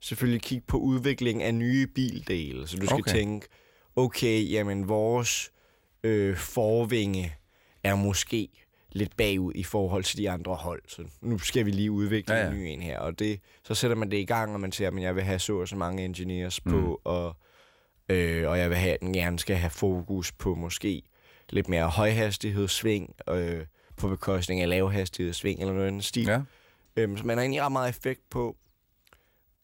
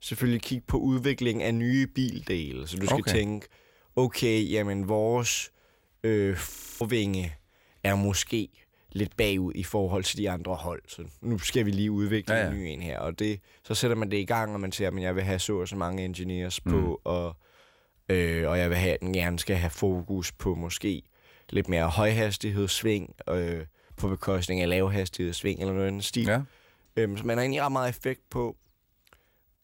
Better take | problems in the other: first | audio freezing; at 6.5 s

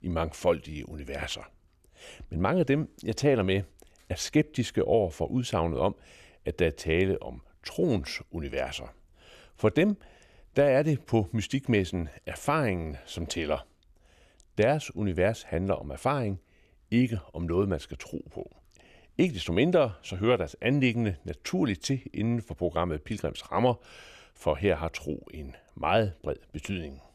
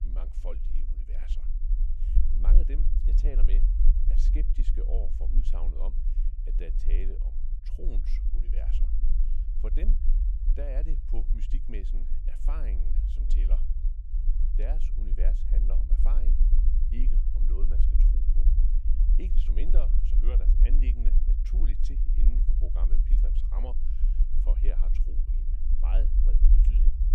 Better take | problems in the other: first | low rumble; loud; throughout; 4 dB below the speech

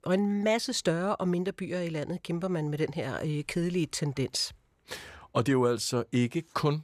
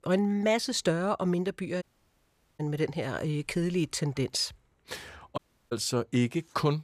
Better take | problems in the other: first | audio cutting out; at 2 s for 1 s and at 5.5 s

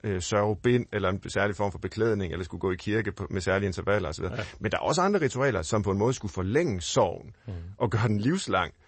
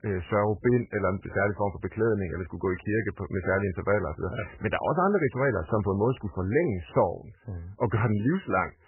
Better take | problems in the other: first | garbled, watery; badly; nothing above 3 kHz; slightly in the first

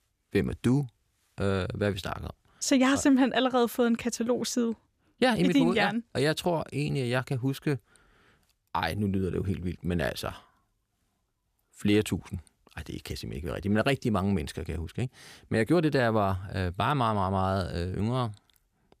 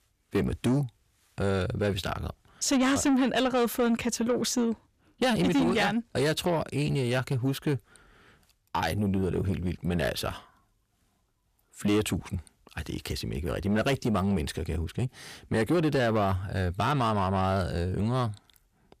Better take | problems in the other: first | distortion; slight; 10 dB below the speech

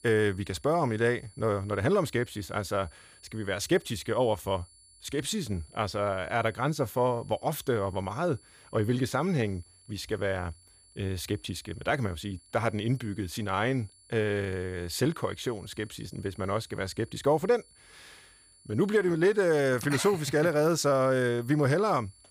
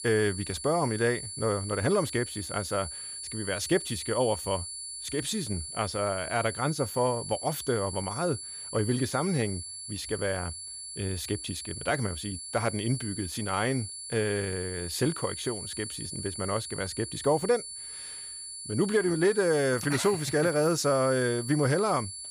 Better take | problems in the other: first | high-pitched whine; loud; throughout; 10.5 kHz, 7 dB below the speech; faint in the first

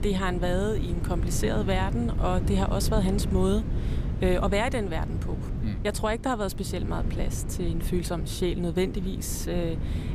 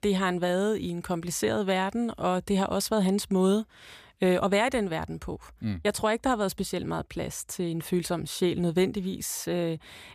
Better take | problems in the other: second | wind noise on the microphone; occasional gusts; 10 dB below the speech

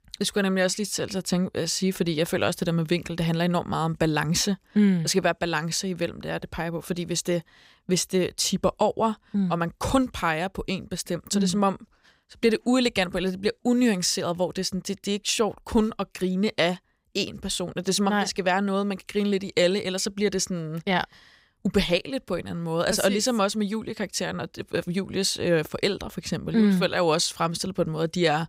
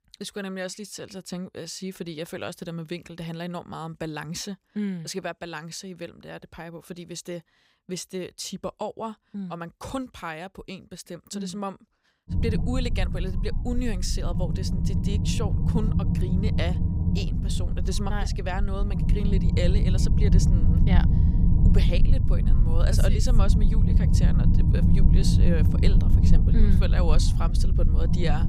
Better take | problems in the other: first | low rumble; loud; from 12 s on; 2 dB below the speech

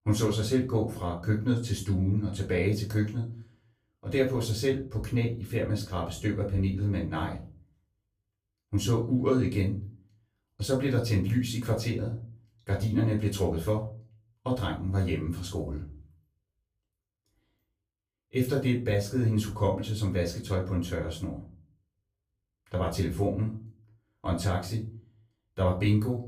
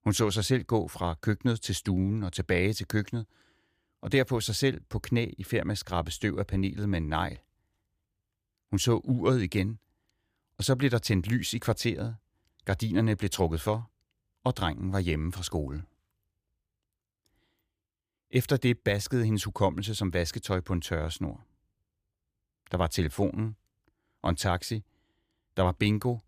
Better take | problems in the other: second | off-mic speech; far // room echo; slight; dies away in 0.3 s

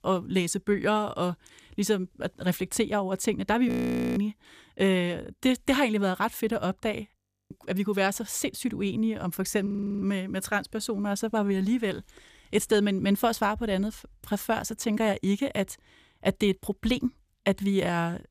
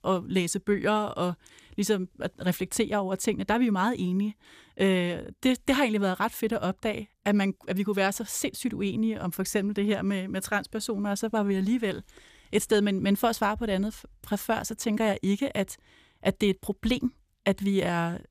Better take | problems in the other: second | audio freezing; at 3.5 s, at 7 s and at 9.5 s

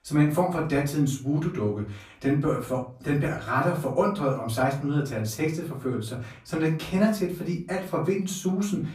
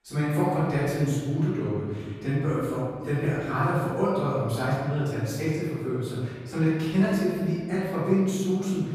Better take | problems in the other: first | room echo; strong; dies away in 1.7 s; slight in the first // off-mic speech; far; far in the first

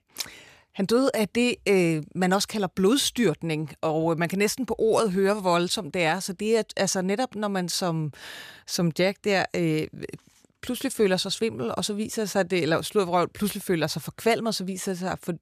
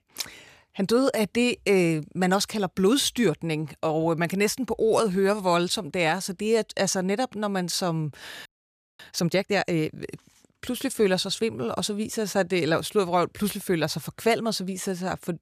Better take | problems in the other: first | audio freezing; at 8.5 s for 0.5 s

